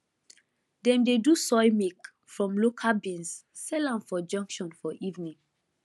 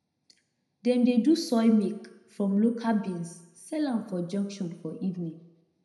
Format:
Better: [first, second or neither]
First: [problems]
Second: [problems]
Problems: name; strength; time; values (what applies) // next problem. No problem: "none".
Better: first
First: none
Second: room echo; dies away in 0.7 s